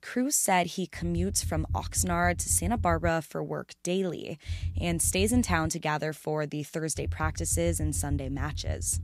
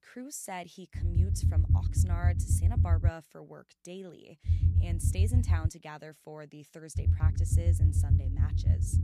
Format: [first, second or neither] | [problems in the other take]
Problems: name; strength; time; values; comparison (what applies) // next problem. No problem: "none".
first | low rumble; loud; from 1 to 3 s, from 4.5 to 5.5 s and from 7 s on; as loud as the speech; faint in the first